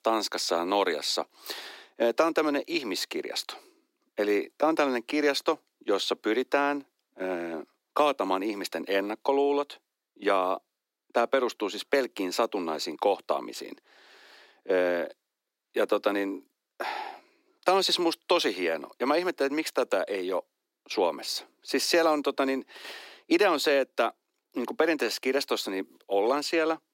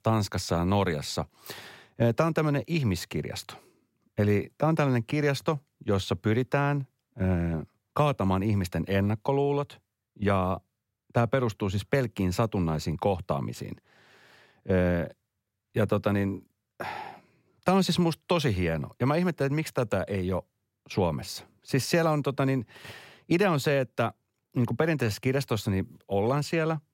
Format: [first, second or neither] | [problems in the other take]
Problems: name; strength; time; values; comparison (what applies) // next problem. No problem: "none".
second | thin; somewhat; fading below 300 Hz